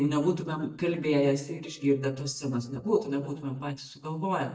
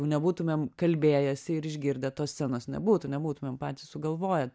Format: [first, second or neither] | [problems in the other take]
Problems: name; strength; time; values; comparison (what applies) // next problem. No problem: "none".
second | noise reduction (neural mask model DeepFilterNet 3)